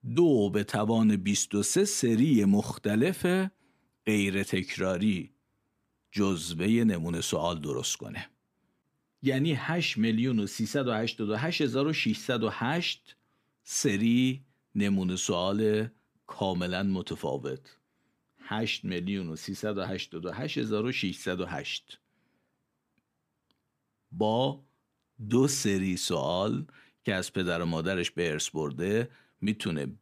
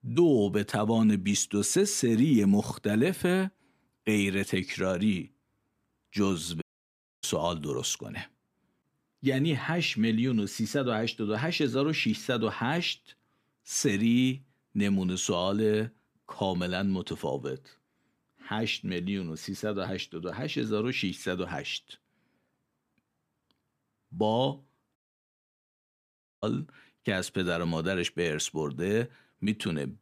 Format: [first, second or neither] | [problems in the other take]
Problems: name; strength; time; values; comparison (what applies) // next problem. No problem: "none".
first | audio cutting out; at 6.5 s for 0.5 s and at 25 s for 1.5 s